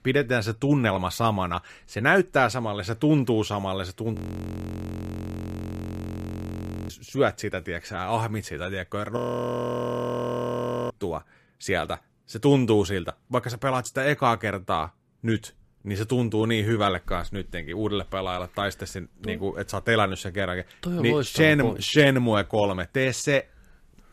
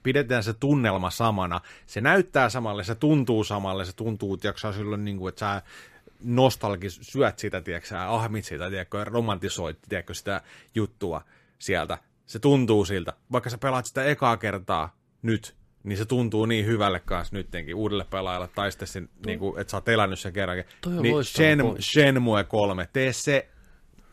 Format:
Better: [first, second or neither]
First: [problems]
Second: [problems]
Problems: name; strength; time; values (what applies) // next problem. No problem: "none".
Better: second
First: audio freezing; at 4 s for 2.5 s and at 9 s for 1.5 s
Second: none